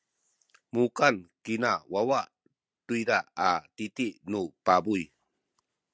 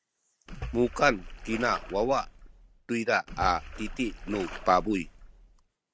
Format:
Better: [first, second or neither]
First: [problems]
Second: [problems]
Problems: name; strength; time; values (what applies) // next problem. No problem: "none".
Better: first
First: none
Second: background sound (Splash, splatter); 11 dB below the speech